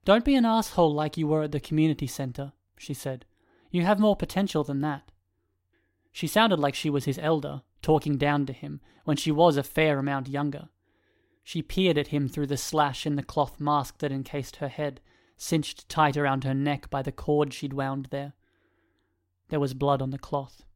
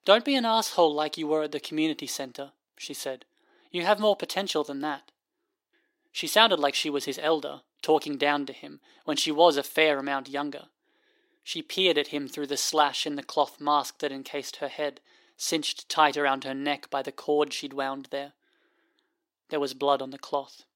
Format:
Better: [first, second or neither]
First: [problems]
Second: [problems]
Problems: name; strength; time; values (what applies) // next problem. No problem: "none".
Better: first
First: none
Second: thin; somewhat; fading below 350 Hz